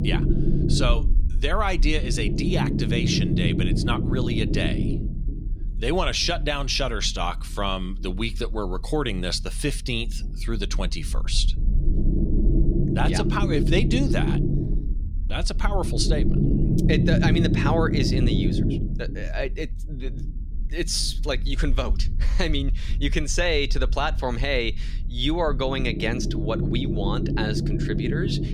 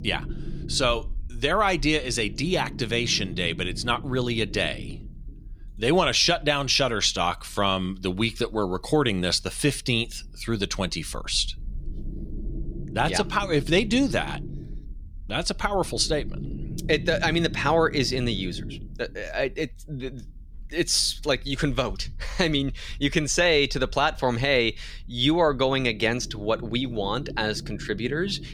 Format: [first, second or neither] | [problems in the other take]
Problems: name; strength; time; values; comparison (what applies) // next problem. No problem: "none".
second | low rumble; loud; throughout; 5 dB below the speech; faint in the second